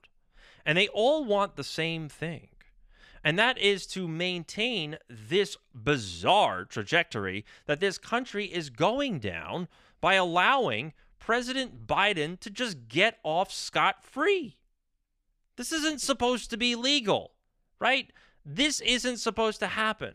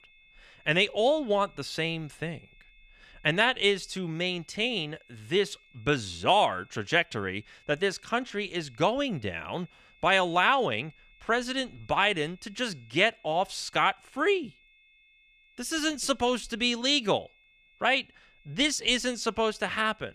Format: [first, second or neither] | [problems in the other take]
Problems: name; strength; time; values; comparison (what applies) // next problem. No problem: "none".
first | high-pitched whine; faint; throughout; 2.5 kHz, 30 dB below the speech